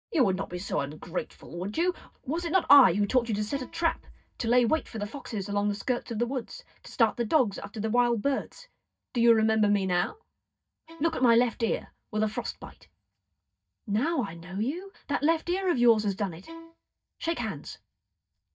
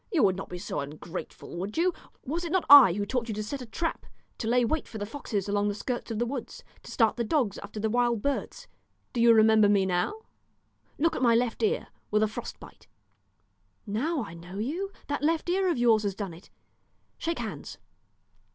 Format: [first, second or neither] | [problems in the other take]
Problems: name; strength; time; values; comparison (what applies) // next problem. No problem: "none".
second | noise reduction (neural mask model DeepFilterNet 3)